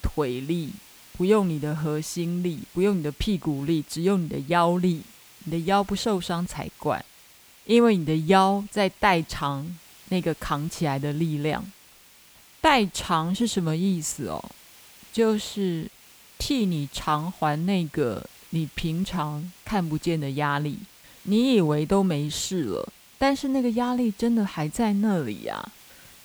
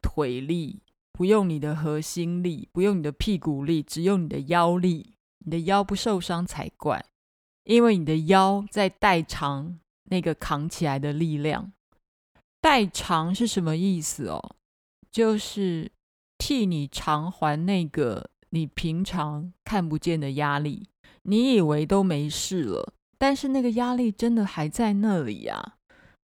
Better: second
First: hiss; faint; throughout; 25 dB below the speech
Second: none

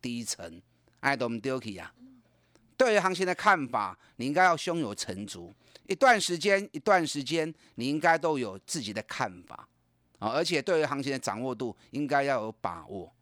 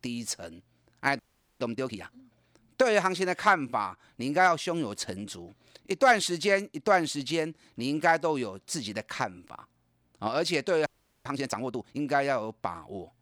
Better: first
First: none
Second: audio freezing; at 1 s and at 11 s

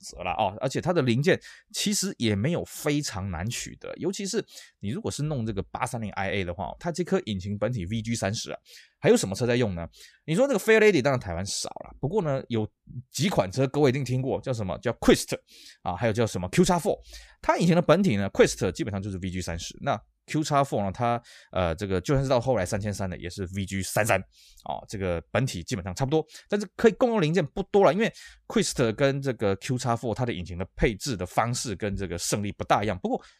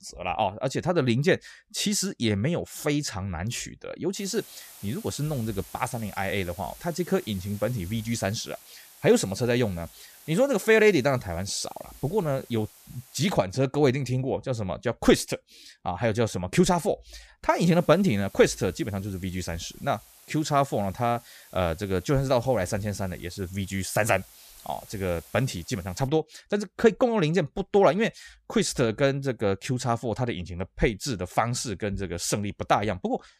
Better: first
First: none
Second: hiss; faint; from 4 to 13 s and from 17 to 26 s; 20 dB below the speech

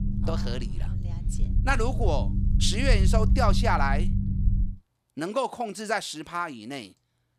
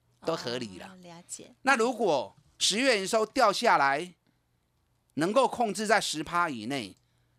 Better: second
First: low rumble; noticeable; until 4.5 s; 10 dB below the speech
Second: none

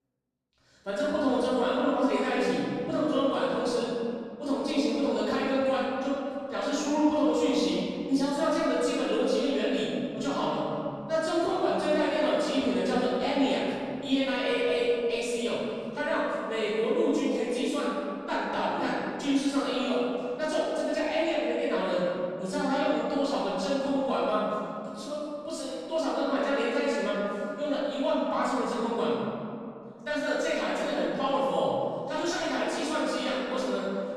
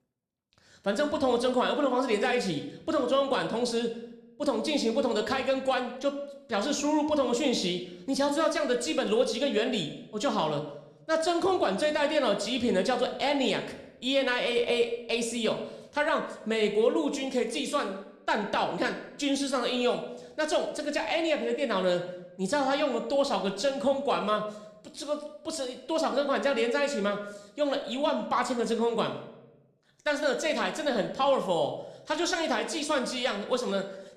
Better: second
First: room echo; strong; dies away in 2.3 s // off-mic speech; far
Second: room echo; slight; dies away in 0.7 s

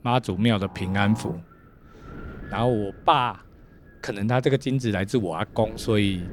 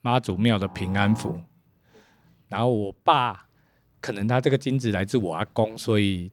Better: second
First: wind noise on the microphone; occasional gusts; 25 dB below the speech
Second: none

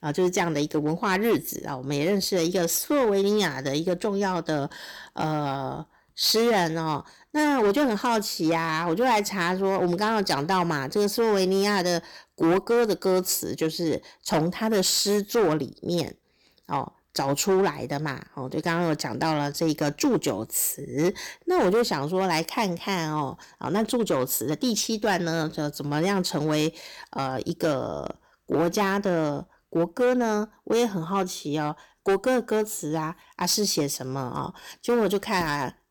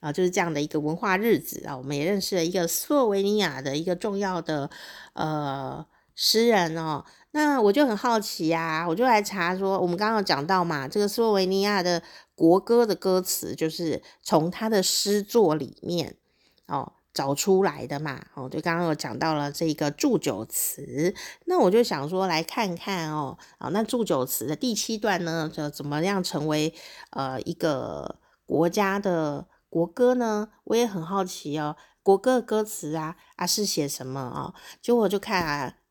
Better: second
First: distortion; slight; 8% of the sound clipped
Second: none

